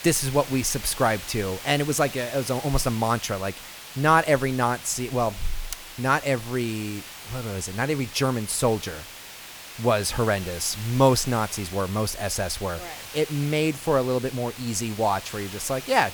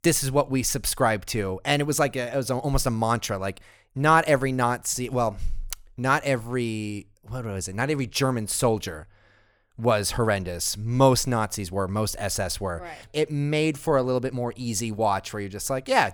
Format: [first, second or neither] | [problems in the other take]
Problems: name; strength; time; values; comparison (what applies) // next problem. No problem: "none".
second | hiss; noticeable; throughout; 15 dB below the speech